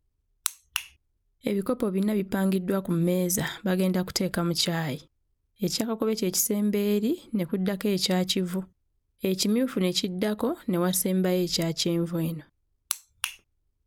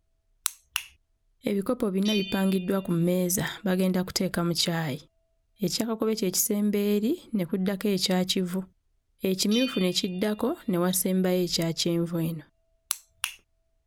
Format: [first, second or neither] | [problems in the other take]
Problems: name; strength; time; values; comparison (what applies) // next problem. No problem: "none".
first | background sound (Bell); 19 dB below the speech